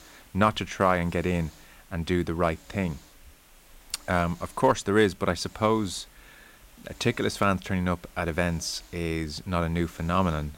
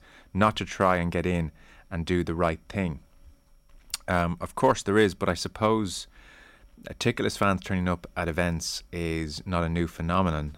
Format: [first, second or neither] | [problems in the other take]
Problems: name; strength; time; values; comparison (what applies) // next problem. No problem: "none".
second | hiss; faint; throughout; 25 dB below the speech